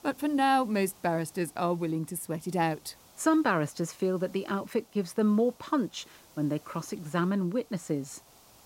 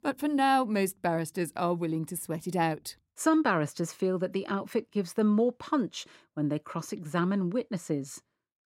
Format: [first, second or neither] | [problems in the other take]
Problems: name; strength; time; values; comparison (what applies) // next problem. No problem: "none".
second | hiss; faint; throughout; 25 dB below the speech